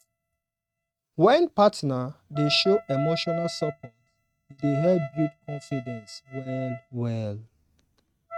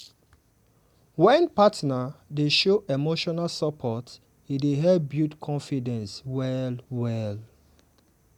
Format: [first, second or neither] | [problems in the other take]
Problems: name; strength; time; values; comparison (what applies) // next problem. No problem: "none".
second | noise reduction (neural mask model RNNoise)